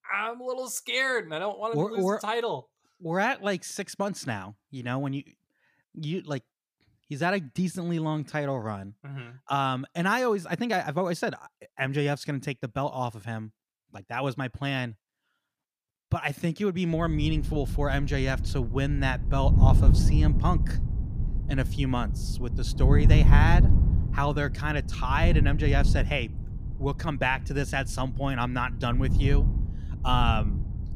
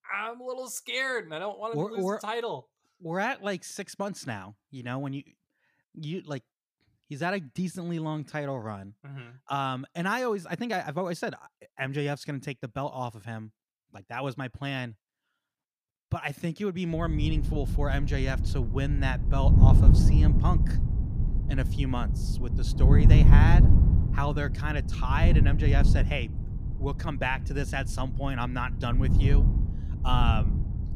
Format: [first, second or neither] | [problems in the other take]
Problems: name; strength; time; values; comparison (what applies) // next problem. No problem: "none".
first | wind noise on the microphone; heavy; from 17 s on; 6 dB below the speech; occasional gusts in the first